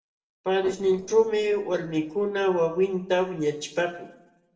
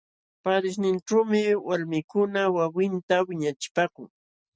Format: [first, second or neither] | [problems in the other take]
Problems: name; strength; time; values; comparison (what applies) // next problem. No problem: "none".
second | noise reduction (neural separator model SepFormer DNS4)